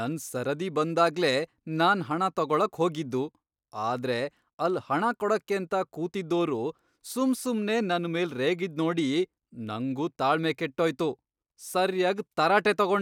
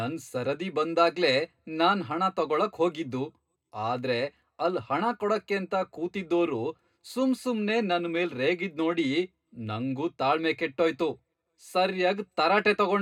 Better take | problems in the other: first | room echo; dies away in 0.2 s

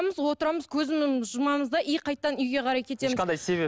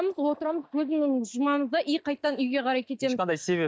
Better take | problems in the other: first | noise reduction (neural mask model DeepFilterNet 3)

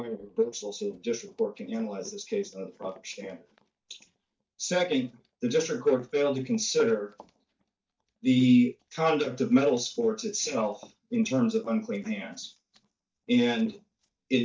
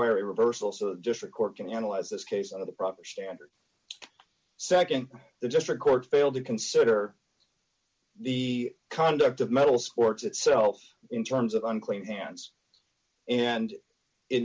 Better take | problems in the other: second | noise reduction (neural mask model DeepFilterNet 3)

